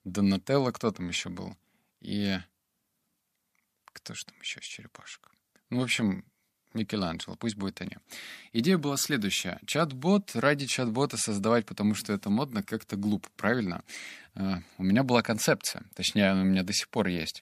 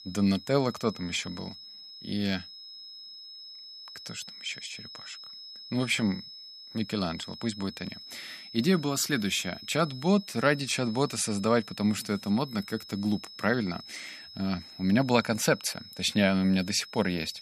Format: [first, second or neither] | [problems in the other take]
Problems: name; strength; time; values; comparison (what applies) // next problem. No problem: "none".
first | high-pitched whine; noticeable; throughout; 5 kHz, 15 dB below the speech